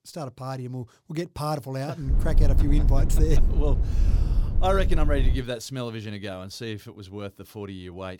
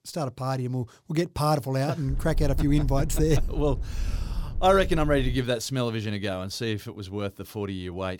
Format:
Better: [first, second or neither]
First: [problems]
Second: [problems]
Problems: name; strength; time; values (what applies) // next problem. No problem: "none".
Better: second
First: low rumble; loud; from 2 to 5.5 s; 9 dB below the speech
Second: low rumble; faint; from 2 to 5.5 s; 20 dB below the speech